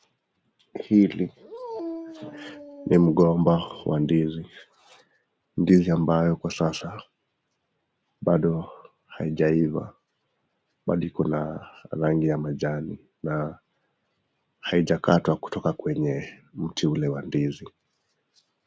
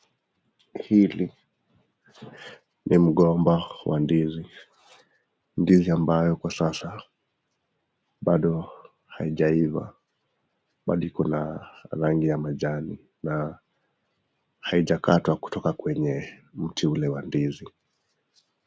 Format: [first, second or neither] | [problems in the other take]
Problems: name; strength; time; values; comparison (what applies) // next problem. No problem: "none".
second | background sound (Dog); 14 dB below the speech